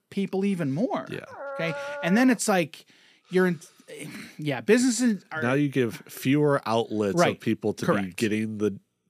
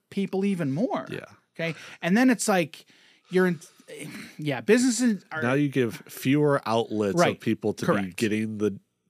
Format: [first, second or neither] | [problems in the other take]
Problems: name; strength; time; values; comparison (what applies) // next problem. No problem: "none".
second | dog barking; noticeable; from 1.5 to 2.5 s; peak 9 dB below the speech